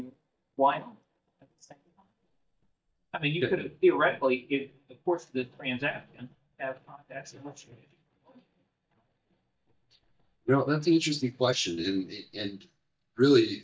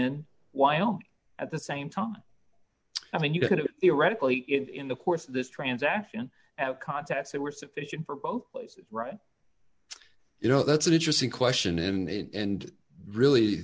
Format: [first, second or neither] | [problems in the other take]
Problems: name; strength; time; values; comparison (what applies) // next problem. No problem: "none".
second | noise reduction (neural mask model DeepFilterNet 3)